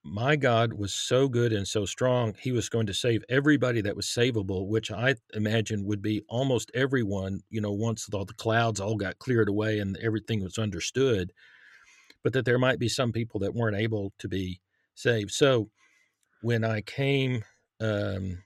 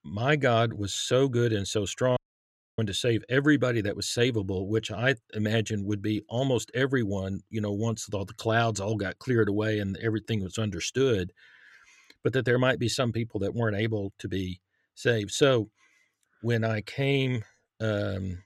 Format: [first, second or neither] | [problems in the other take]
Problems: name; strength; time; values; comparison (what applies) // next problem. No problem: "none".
first | audio cutting out; at 2 s for 0.5 s